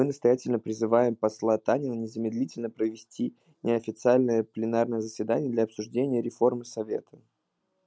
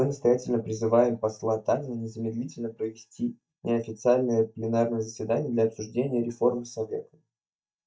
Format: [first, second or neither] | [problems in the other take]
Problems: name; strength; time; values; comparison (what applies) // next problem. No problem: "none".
first | noise reduction (neural mask model DeepFilterNet 3)